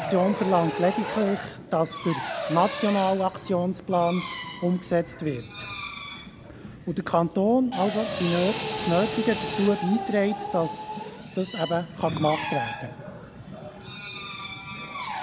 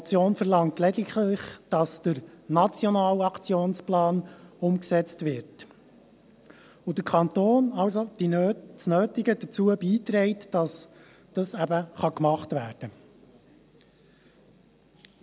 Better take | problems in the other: second | background sound (Drill); 7 dB below the speech

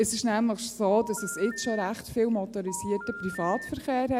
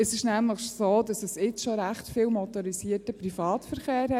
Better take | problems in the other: second | background sound (Telephone); 12 dB below the speech

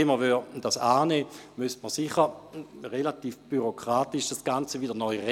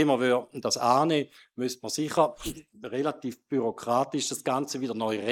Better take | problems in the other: first | noise reduction (neural mask model Resemble Enhance denoiser)

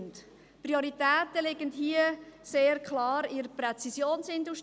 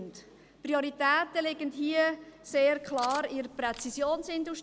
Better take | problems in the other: first | background sound (Cutlery, silverware); 18 dB below the speech

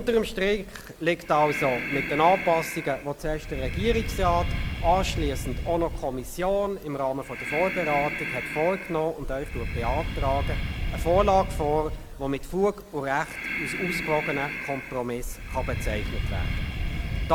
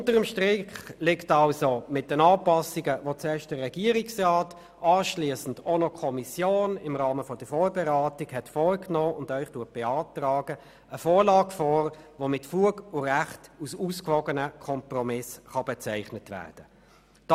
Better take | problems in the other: second | background sound (Breathing); 4 dB below the speech

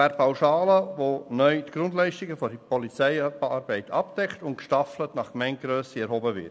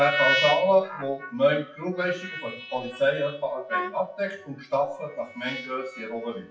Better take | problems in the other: first | noise reduction (classical method WPE with log-MMSE)

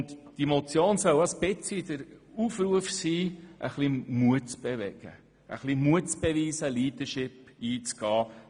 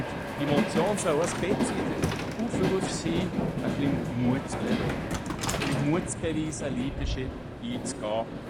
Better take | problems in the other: first | background sound (Train); 1 dB above the speech

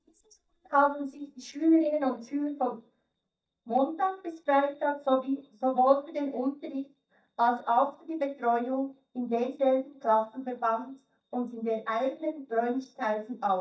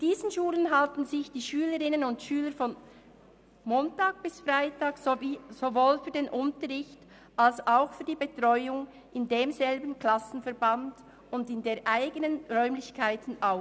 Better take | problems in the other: second | noise reduction (neural mask model DeepFilterNet 3)

